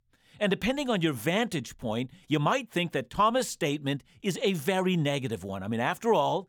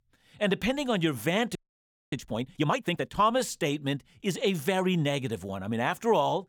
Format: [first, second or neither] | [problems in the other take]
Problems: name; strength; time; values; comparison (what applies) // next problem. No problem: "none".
first | audio freezing; at 1.5 s for 0.5 s